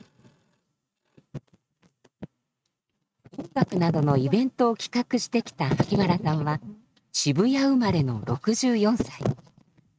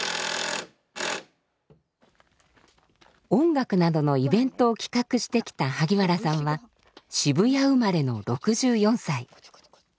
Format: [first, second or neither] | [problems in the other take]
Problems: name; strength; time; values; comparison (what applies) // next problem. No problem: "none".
second | noise reduction (neural mask model RNNoise)